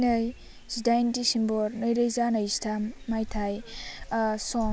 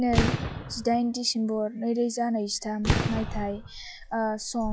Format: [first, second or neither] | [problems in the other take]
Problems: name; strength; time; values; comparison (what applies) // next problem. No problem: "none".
first | noise reduction (classical method log-MMSE)